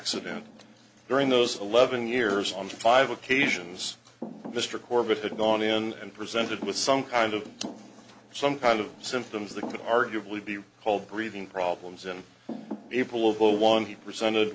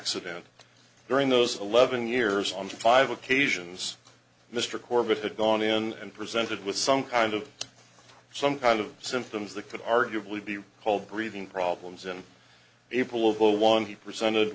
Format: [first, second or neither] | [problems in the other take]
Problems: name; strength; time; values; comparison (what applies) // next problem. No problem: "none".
second | background sound (Thump, thud); 16 dB below the speech